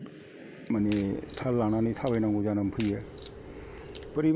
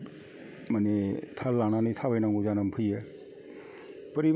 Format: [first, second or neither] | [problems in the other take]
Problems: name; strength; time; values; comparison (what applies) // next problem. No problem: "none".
second | background sound (Crack); 16 dB below the speech